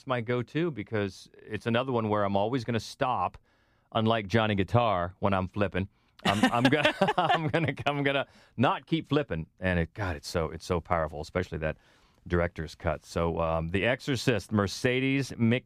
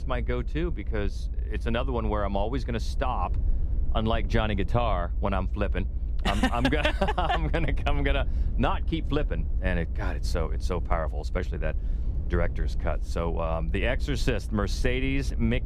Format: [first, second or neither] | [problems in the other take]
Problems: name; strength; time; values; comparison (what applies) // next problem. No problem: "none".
first | low rumble; noticeable; throughout; 20 dB below the speech